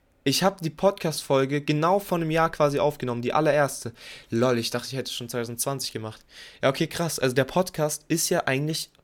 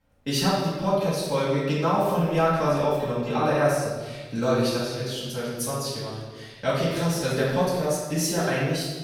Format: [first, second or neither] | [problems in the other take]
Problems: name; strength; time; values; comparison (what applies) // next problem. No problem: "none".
first | off-mic speech; far // room echo; strong; dies away in 1.1 s